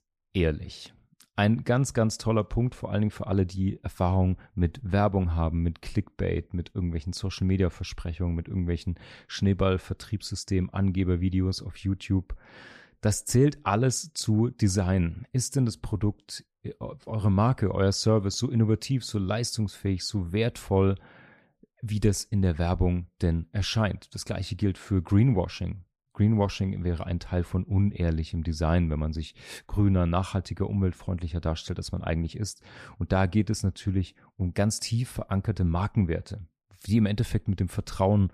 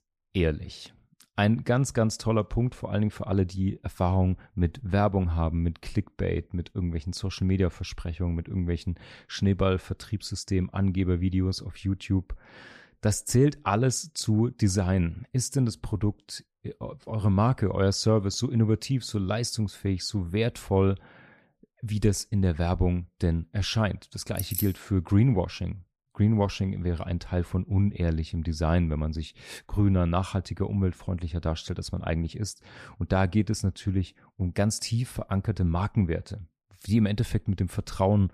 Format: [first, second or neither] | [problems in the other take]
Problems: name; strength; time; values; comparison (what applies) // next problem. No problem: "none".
first | jangling keys; noticeable; at 24 s; peak 5 dB below the speech